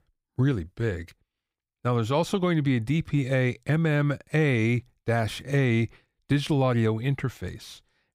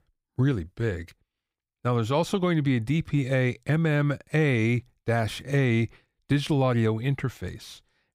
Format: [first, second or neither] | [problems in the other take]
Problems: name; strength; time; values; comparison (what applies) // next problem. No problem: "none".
neither | none